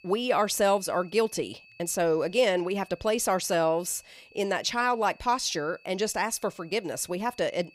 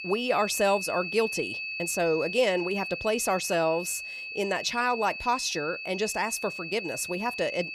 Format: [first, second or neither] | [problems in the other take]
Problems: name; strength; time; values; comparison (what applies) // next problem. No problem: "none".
first | high-pitched whine; loud; throughout; 2.5 kHz, 6 dB below the speech; faint in the first